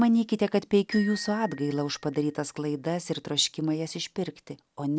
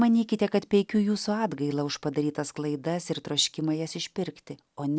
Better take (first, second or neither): second